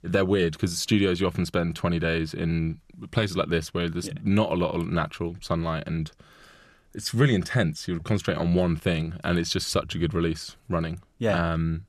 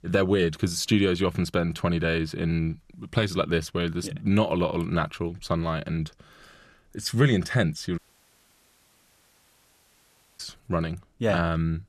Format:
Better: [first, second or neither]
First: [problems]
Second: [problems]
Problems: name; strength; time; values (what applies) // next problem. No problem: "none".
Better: first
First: none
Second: audio cutting out; at 8 s for 2.5 s